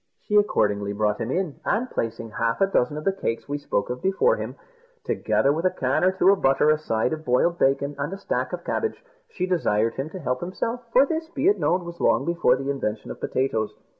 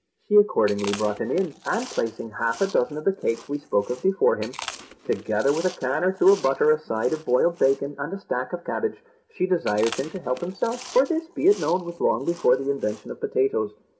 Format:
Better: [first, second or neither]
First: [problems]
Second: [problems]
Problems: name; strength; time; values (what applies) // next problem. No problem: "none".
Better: first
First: none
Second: background sound (Chewing, mastication); 18 dB below the speech // room echo; dies away in 0.3 s